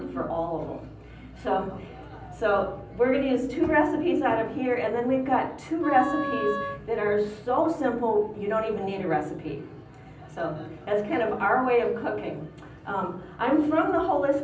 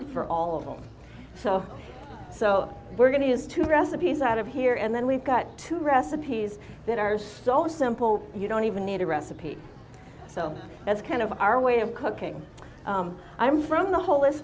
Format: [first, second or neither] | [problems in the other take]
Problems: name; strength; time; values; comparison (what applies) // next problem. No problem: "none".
second | background sound (Wind instrument, woodwind instrument); 8 dB below the speech // room echo; dies away in 0.6 s